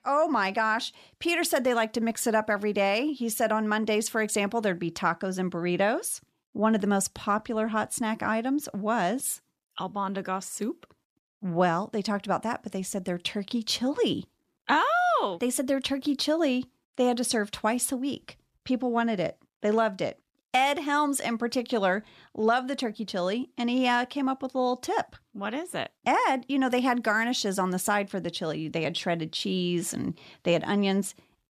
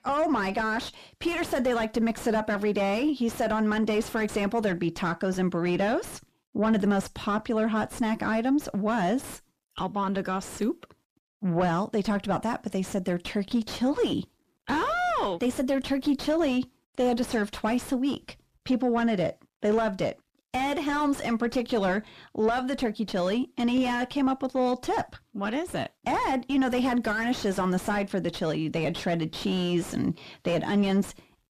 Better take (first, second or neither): first